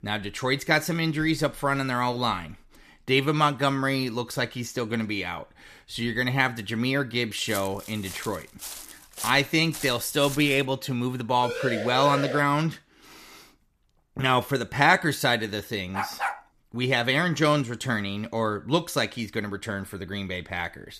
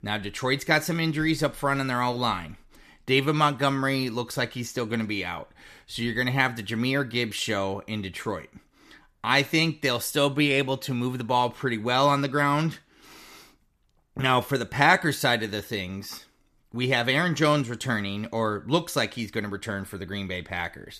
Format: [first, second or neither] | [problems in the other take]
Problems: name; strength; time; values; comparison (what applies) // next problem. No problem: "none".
second | footsteps; noticeable; from 7.5 to 11 s; peak 9 dB below the speech // siren; noticeable; at 11 s; peak 5 dB below the speech // dog barking; noticeable; at 16 s; peak 4 dB below the speech